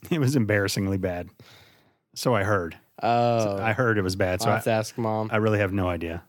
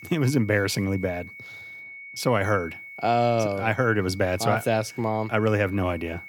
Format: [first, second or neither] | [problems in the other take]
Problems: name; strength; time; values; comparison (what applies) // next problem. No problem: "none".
first | high-pitched whine; noticeable; throughout; 2 kHz, 15 dB below the speech